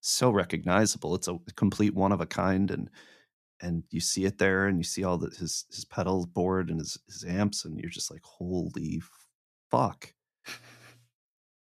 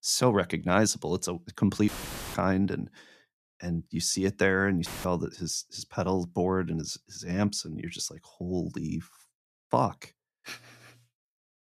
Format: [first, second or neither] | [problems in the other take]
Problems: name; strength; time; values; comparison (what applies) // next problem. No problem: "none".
first | audio cutting out; filled with static; at 2 s and at 5 s